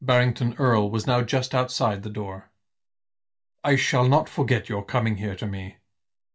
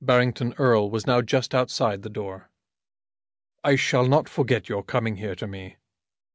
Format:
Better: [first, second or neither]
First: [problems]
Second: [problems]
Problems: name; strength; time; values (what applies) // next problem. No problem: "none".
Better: second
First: background sound (Bowed string instrument); 19 dB below the speech // room echo; dies away in 0.2 s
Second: none